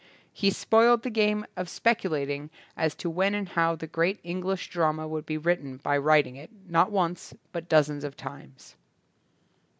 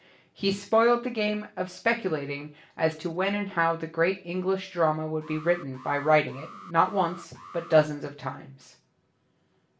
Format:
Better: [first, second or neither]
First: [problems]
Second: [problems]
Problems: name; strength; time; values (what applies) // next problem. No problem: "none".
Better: first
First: none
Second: background sound (Alarm); 19 dB below the speech // room echo; dies away in 0.3 s